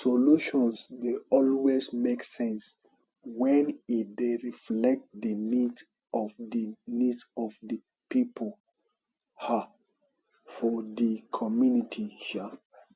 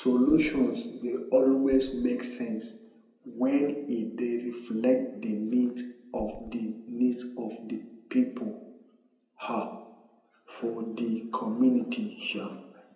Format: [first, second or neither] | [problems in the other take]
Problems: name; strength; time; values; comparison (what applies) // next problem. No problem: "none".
first | background sound (Run); 18 dB below the speech // room echo; dies away in 0.7 s